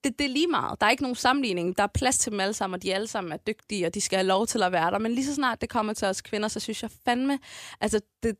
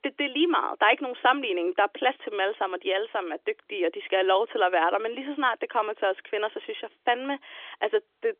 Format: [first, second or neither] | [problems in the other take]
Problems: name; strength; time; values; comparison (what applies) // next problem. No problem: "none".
first | phone-call audio; nothing above 3.5 kHz